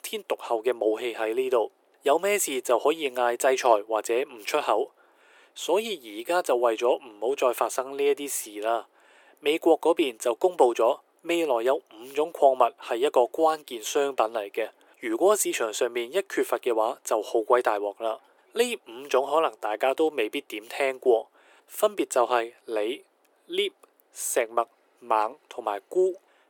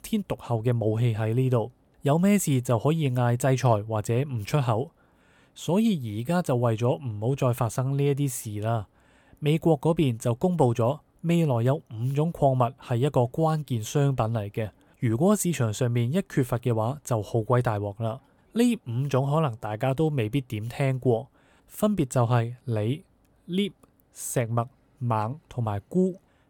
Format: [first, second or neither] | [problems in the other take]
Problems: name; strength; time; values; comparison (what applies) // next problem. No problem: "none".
second | thin; very; fading below 350 Hz